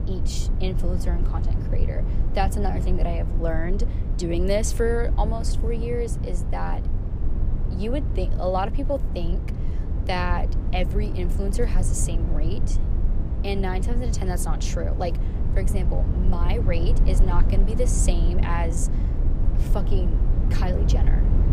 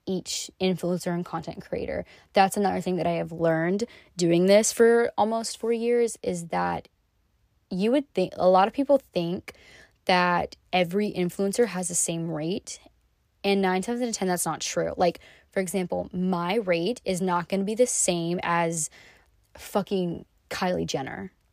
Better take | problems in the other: second | low rumble; loud; throughout; 8 dB below the speech

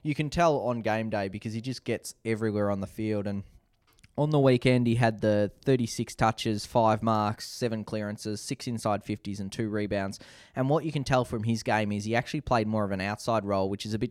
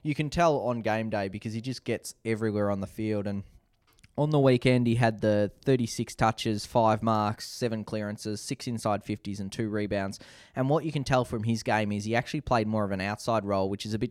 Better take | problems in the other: neither | none

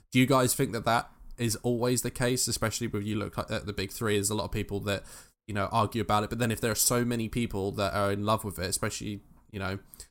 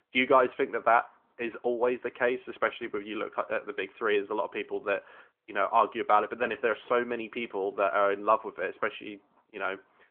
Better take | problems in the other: first | phone-call audio; nothing above 3.5 kHz

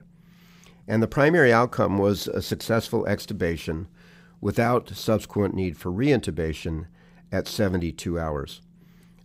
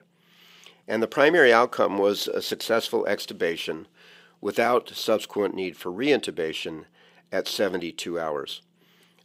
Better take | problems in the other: first | thin; somewhat; fading below 400 Hz

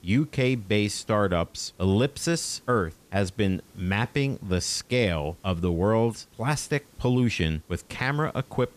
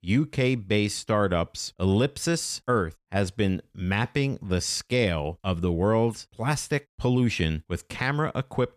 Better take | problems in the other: second | hiss; faint; throughout; 30 dB below the speech

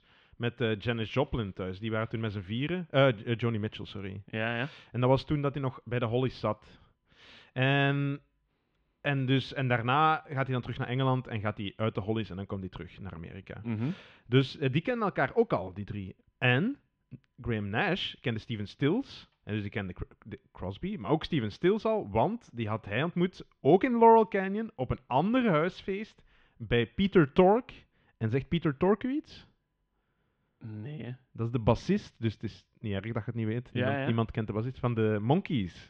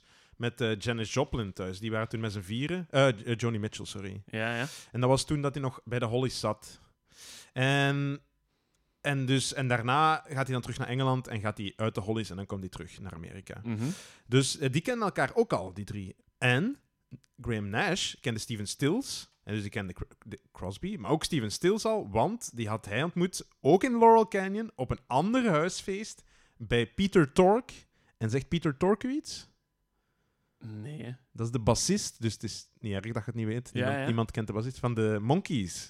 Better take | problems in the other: second | muffled; very; fading above 3 kHz

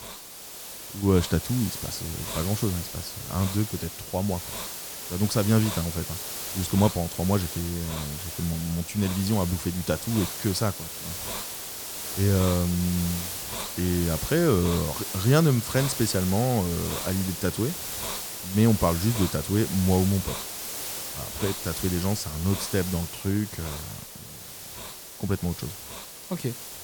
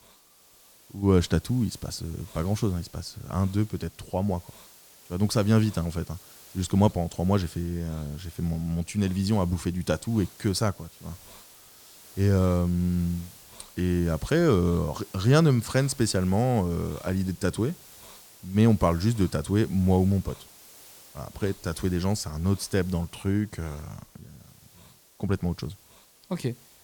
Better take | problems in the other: second | hiss; loud; throughout; 6 dB below the speech; faint in the second

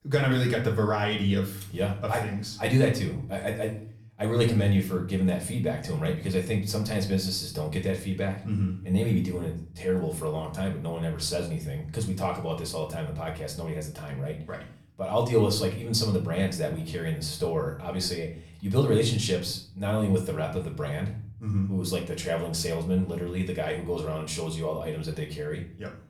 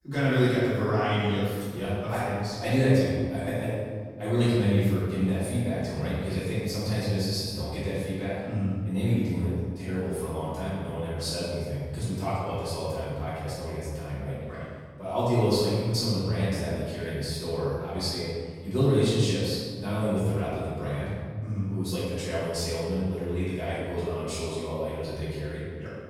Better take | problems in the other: first | room echo; strong; dies away in 1.8 s; slight in the first // off-mic speech; far; far in the first

